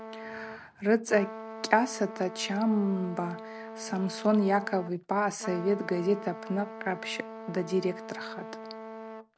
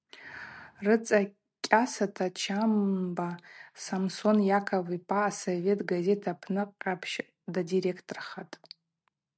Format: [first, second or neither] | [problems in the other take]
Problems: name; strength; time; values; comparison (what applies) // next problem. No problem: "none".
second | background sound (Trumpet); 12 dB below the speech